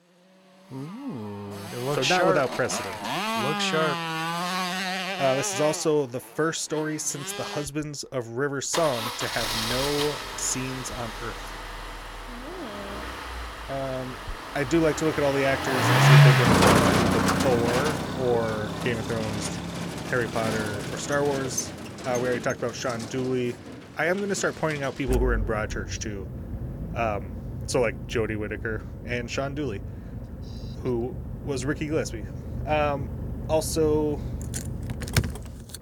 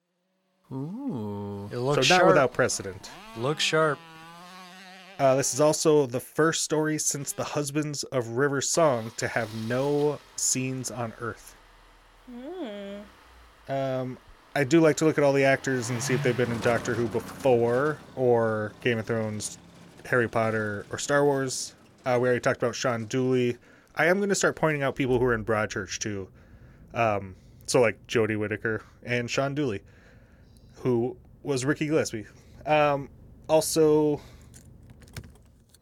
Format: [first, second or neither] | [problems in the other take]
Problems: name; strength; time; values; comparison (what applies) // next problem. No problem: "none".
second | traffic noise; loud; throughout; as loud as the speech; faint in the second